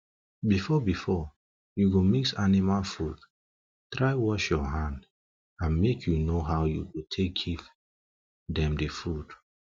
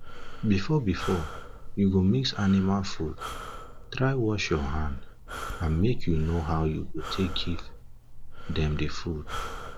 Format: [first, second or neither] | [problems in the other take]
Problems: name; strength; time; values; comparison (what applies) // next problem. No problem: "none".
first | background sound (Breathing); 6 dB below the speech